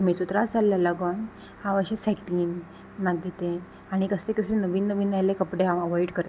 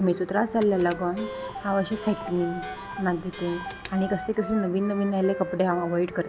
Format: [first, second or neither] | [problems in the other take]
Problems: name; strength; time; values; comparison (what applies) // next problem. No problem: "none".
first | background sound (Clock + Wind instrument, woodwind instrument); 11 dB below the speech